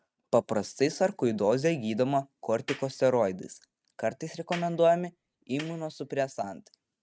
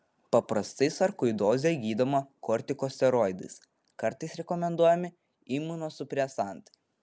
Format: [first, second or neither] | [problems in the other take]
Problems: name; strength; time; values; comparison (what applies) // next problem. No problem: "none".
second | noise reduction (neural mask model RNNoise)